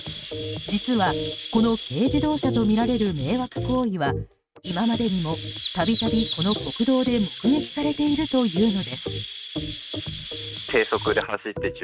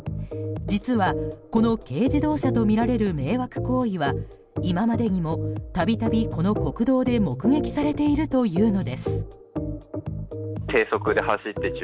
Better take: second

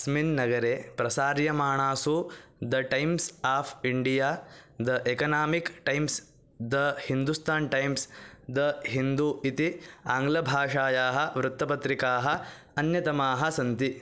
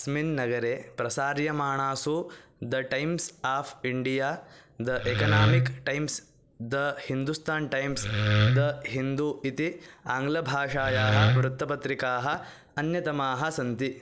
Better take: first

